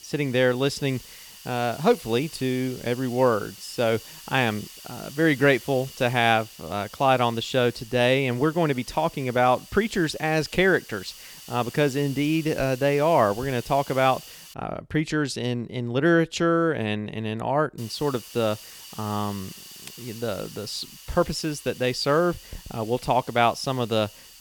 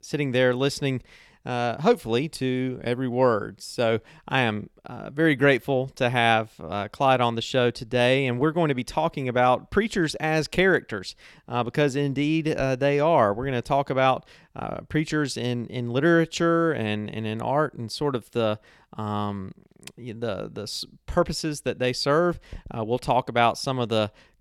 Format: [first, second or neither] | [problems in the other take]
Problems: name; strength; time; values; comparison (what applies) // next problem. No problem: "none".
second | hiss; noticeable; until 15 s and from 18 s on; 20 dB below the speech